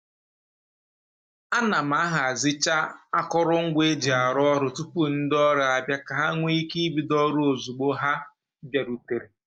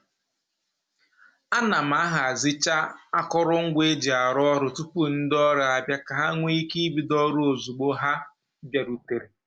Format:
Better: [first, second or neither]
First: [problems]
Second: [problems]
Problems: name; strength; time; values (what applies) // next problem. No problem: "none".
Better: second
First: noise reduction (neural mask model DeepFilterNet 3)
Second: none